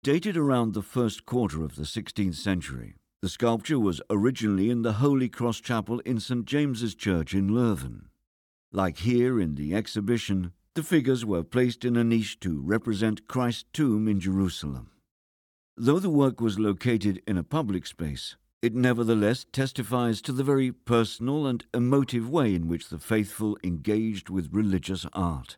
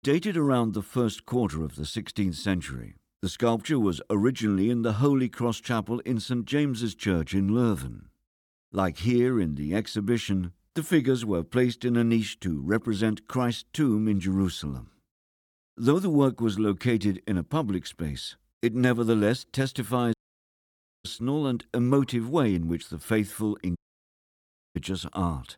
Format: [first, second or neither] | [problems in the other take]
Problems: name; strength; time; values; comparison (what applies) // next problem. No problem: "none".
first | audio cutting out; at 20 s for 1 s and at 24 s for 1 s